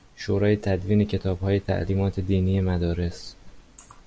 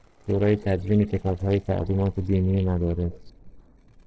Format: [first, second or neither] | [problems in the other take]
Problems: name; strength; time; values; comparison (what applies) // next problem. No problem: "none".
first | noise reduction (neural separator model SepFormer DNS4)